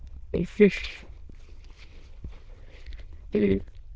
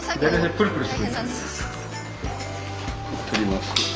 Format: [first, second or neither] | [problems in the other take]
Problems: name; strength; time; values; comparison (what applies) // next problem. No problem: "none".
second | noise reduction (neural diffusion model UNIVERSE++)